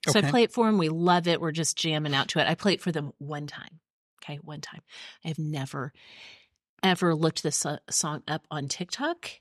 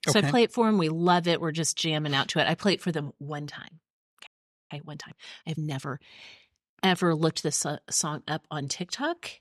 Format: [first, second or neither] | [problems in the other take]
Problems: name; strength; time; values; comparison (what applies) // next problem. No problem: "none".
first | audio freezing; at 4.5 s